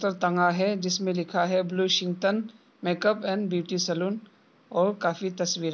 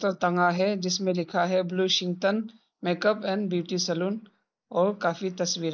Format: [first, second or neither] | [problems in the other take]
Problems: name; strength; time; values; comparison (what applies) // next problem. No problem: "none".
first | noise reduction (neural mask model Resemble Enhance denoiser)